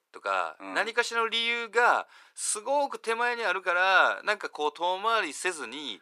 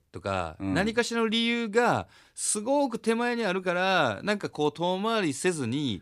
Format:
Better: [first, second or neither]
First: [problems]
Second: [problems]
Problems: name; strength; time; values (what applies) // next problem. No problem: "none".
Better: second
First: thin; very; fading below 450 Hz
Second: none